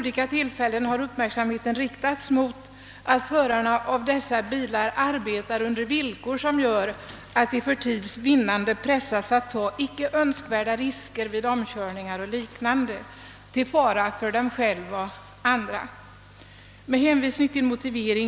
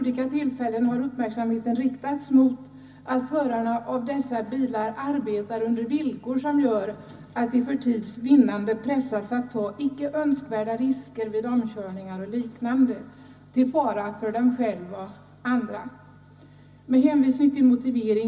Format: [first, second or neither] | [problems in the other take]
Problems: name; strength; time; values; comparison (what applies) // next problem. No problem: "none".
first | room echo; dies away in 0.4 s